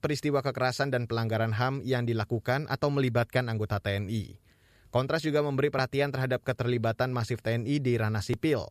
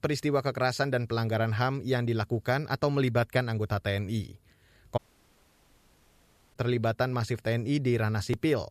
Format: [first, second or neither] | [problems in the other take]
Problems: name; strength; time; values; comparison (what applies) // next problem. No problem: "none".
first | audio cutting out; at 5 s for 1.5 s